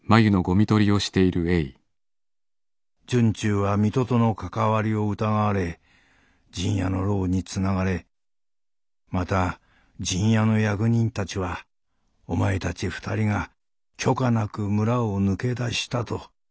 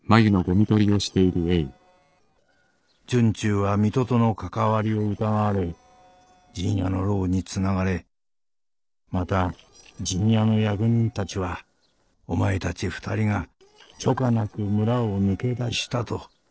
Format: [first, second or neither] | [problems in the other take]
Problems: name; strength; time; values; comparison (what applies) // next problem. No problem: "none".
first | noise reduction (neural separator model SepFormer DNS4)